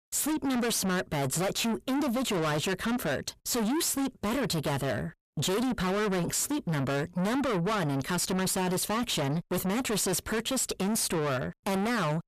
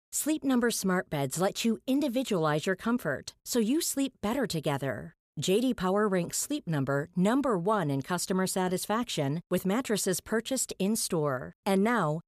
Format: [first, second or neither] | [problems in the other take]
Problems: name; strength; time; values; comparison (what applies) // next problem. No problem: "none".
second | distortion; heavy; 5 dB below the speech